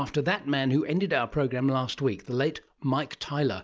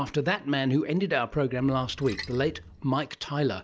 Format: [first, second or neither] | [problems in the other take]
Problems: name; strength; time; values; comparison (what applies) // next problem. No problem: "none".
first | background sound (Splash, splatter); 17 dB below the speech